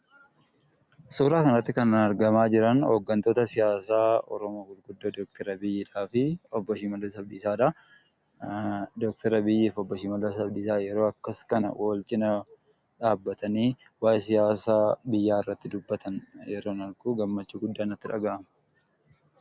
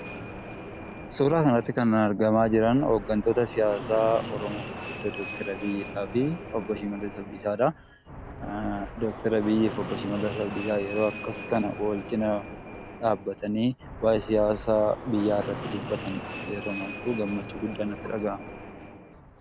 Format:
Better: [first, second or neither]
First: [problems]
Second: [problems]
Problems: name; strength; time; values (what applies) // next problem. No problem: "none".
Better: first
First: none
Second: background sound (Fixed-wing aircraft, airplane); 11 dB below the speech